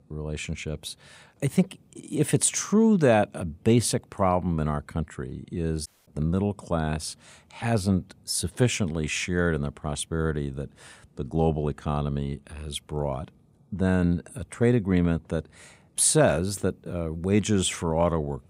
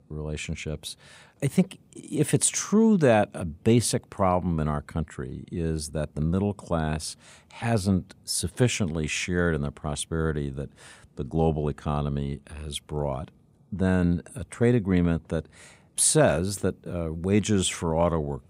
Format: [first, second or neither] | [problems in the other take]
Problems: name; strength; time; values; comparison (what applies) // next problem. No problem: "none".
second | audio cutting out; at 6 s